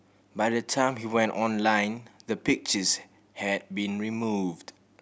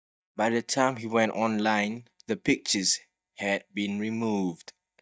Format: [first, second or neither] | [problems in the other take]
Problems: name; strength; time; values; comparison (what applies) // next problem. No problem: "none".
first | noise reduction (neural mask model DeepFilterNet 3)